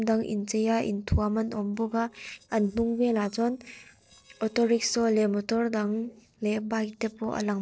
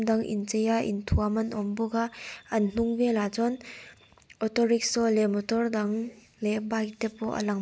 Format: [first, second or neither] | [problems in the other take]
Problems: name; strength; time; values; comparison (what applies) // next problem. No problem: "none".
second | noise reduction (neural separator model SepFormer DNS4)